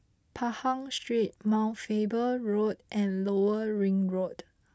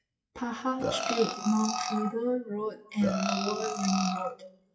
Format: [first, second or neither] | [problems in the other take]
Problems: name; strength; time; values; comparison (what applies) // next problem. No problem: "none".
first | noise reduction (classical method WPE with log-MMSE)